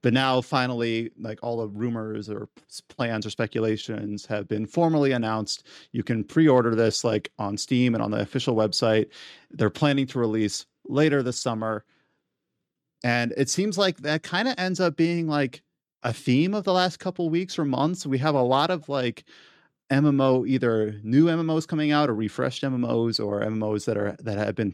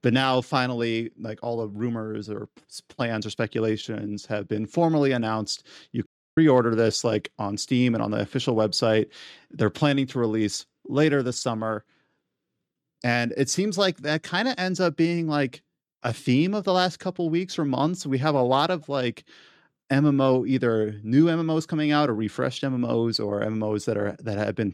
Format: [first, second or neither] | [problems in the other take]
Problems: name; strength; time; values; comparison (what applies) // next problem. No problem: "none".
first | audio cutting out; at 6 s